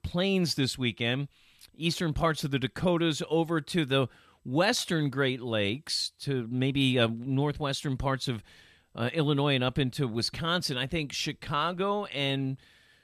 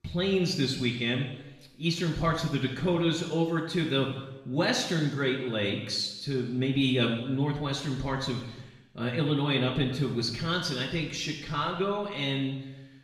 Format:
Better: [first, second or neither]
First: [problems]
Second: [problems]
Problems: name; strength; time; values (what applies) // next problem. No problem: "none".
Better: first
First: none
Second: room echo; noticeable; dies away in 1 s // off-mic speech; far